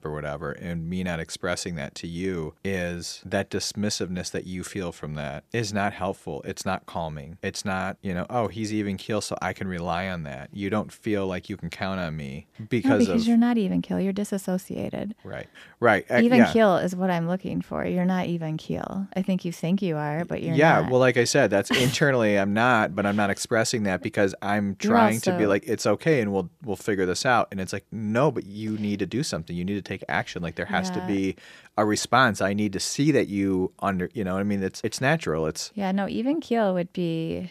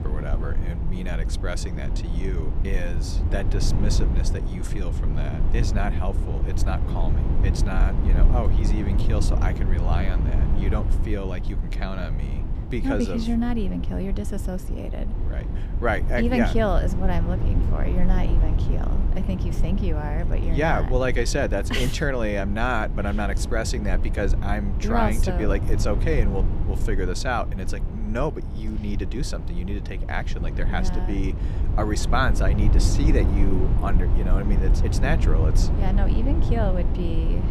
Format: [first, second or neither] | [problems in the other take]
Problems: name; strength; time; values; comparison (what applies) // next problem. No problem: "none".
first | low rumble; loud; throughout; 9 dB below the speech